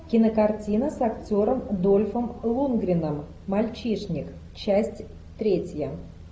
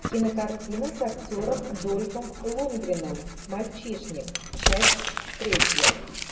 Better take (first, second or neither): first